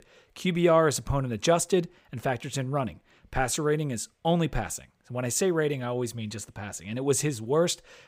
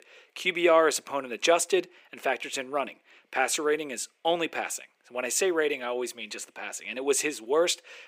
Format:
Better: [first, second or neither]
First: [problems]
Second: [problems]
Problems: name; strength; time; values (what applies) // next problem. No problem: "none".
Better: first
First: none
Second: thin; somewhat; fading below 300 Hz